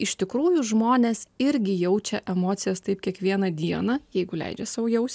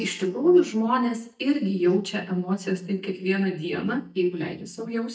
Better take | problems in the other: first | noise reduction (neural mask model DeepFilterNet 3)

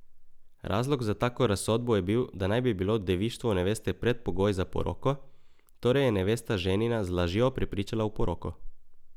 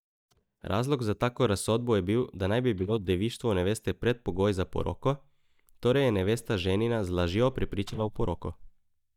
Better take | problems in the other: first | noise reduction (neural mask model DeepFilterNet 3)

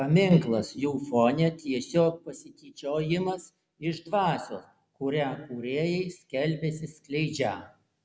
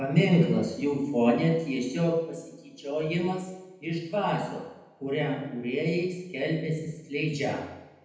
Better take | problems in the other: first | room echo; dies away in 0.8 s

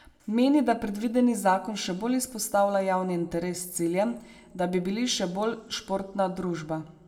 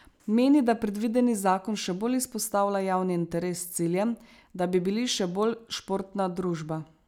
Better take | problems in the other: second | room echo; dies away in 0.7 s

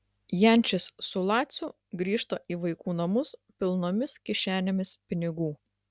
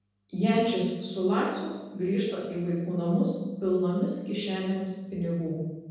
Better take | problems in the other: first | room echo; dies away in 1.3 s

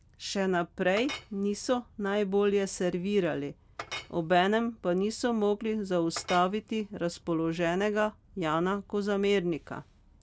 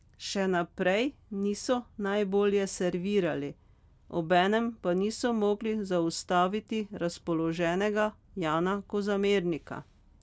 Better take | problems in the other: second | background sound (Chink, clink); 17 dB below the speech

